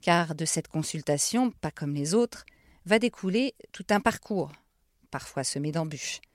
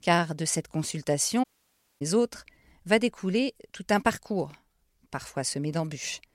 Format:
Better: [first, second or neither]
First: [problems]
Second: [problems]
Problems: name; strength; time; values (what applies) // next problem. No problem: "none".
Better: first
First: none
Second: audio cutting out; at 1.5 s for 0.5 s